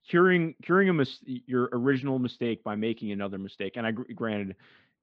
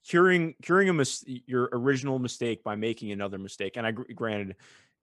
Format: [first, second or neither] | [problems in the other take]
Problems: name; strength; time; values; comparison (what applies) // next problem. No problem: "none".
second | muffled; slightly; fading above 4 kHz